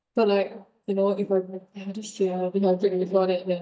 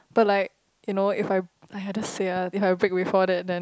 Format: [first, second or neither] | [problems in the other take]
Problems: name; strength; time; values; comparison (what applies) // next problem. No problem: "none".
second | noise reduction (neural mask model DeepFilterNet 3)